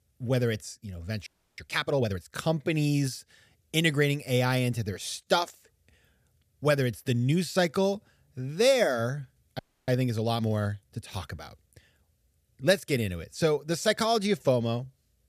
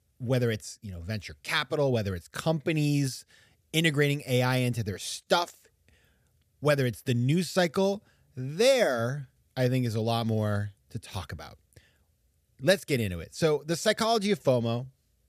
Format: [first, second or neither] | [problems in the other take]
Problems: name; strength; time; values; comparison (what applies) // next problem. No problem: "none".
second | audio freezing; at 1.5 s and at 9.5 s